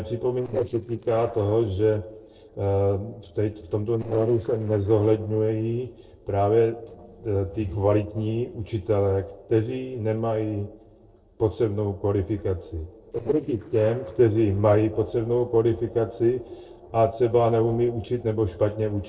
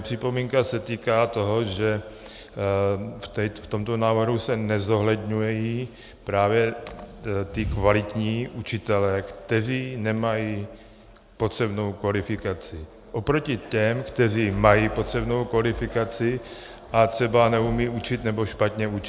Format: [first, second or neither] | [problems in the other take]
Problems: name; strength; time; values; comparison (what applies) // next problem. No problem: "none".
second | noise reduction (neural separator model SepFormer DNS4)